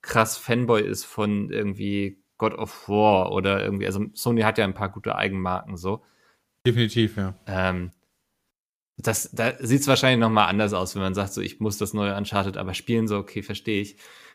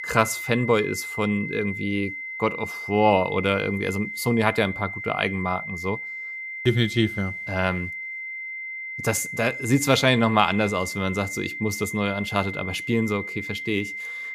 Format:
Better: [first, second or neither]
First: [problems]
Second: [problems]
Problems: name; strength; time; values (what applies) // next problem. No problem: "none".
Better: first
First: none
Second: high-pitched whine; loud; throughout; 2 kHz, 7 dB below the speech